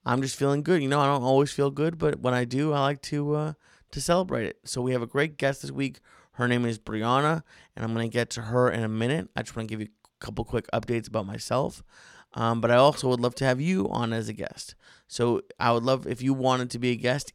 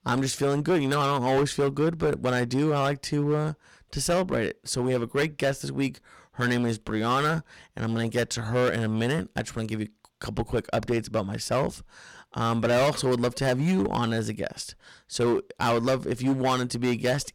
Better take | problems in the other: first | distortion; heavy; 11% of the sound clipped

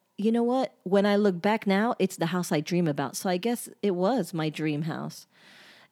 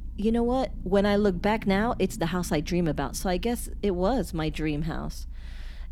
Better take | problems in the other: first | low rumble; faint; throughout; 25 dB below the speech

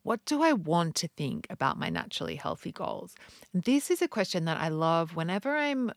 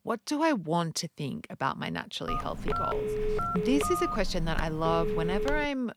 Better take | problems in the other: first | phone ringing; loud; from 2.5 s on; peak 1 dB above the speech

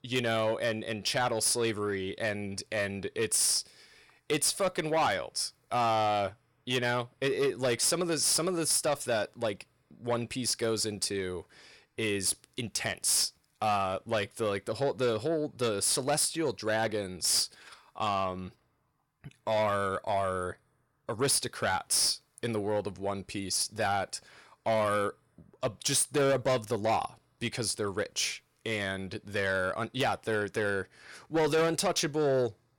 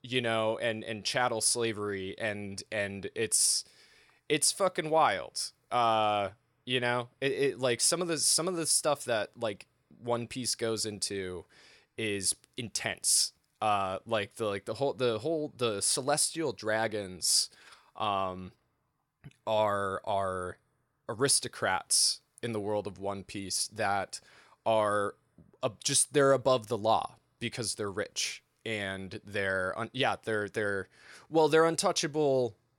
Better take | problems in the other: second | distortion; slight; 10 dB below the speech

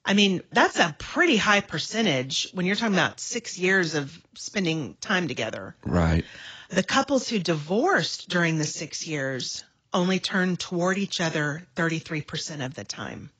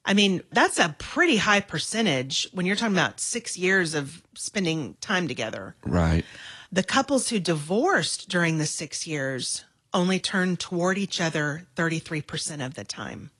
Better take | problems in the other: second | garbled, watery; badly; nothing above 7.5 kHz; slightly in the second

